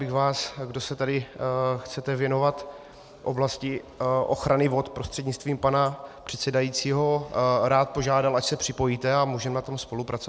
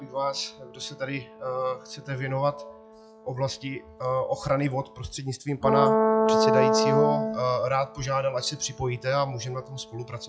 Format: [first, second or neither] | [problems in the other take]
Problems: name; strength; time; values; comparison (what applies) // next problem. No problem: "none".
first | noise reduction (classical method log-MMSE)